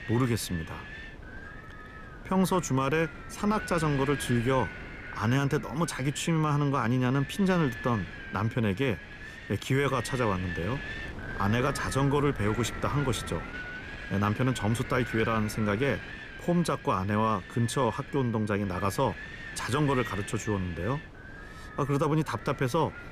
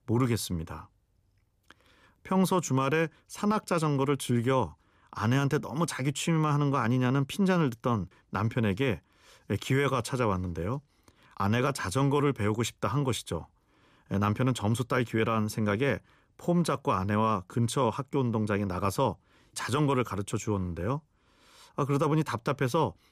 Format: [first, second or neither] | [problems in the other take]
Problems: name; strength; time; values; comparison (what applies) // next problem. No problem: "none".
second | wind noise on the microphone; heavy; 9 dB below the speech